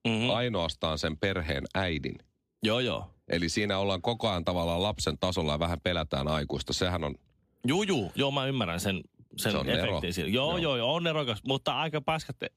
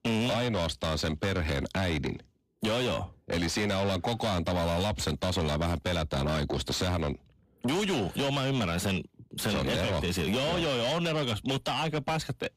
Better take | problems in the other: first | distortion; heavy; 7 dB below the speech

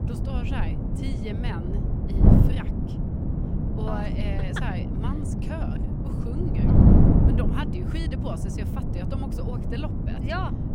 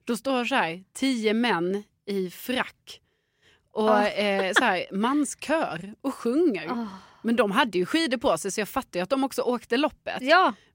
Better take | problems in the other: second | wind noise on the microphone; heavy; 3 dB above the speech

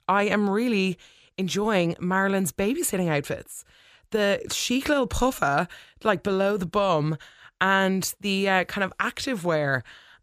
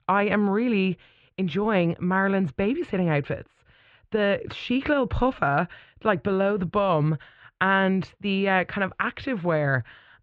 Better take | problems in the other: first | muffled; very; fading above 3 kHz

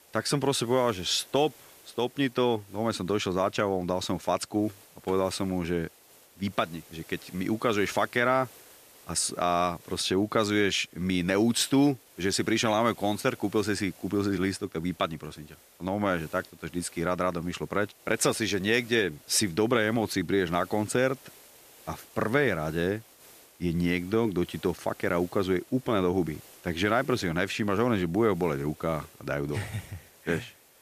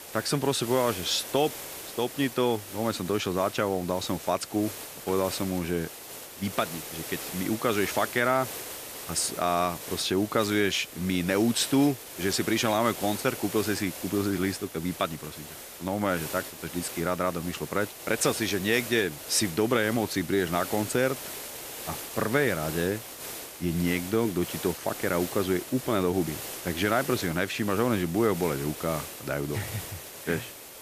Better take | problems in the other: first | hiss; loud; throughout; 10 dB below the speech; faint in the first

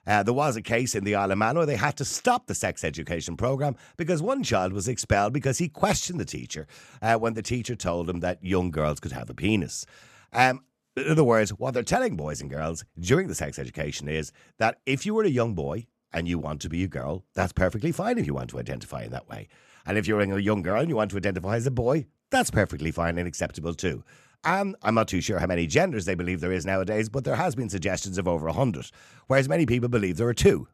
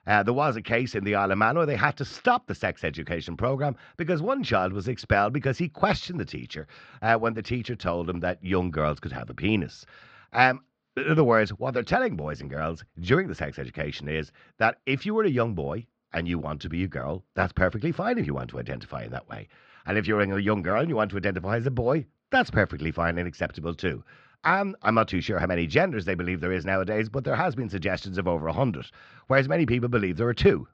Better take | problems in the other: first | muffled; slightly; fading above 4.5 kHz

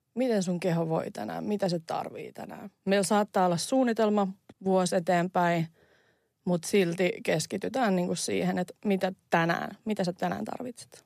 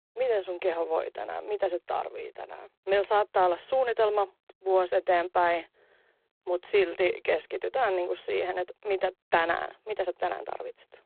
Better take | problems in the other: first | phone-call audio; poor line; nothing above 4 kHz

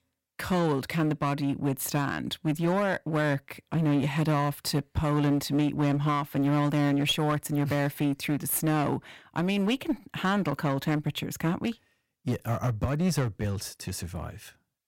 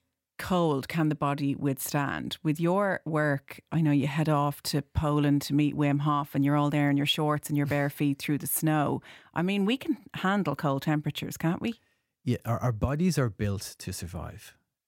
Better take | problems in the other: second | distortion; slight; 10% of the sound clipped

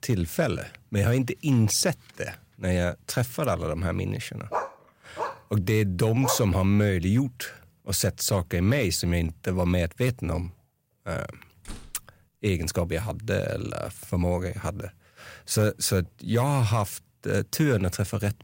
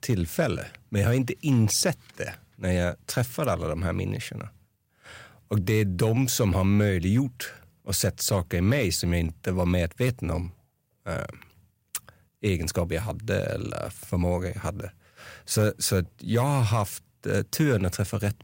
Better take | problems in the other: second | dog barking; noticeable; from 4.5 to 6.5 s; peak 5 dB below the speech // door banging; faint; at 12 s; peak 20 dB below the speech

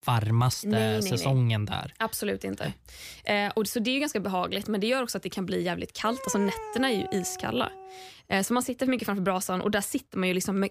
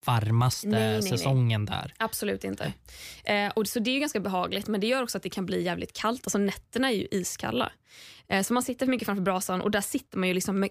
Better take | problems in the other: second | dog barking; noticeable; from 6 to 8 s; peak 8 dB below the speech

